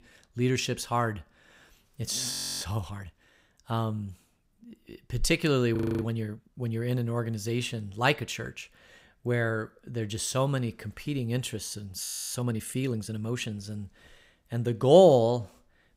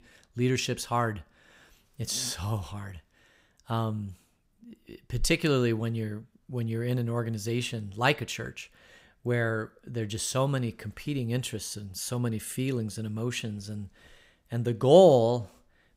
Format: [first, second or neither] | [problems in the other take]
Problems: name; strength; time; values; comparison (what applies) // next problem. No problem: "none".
second | audio freezing; at 2.5 s, at 6 s and at 12 s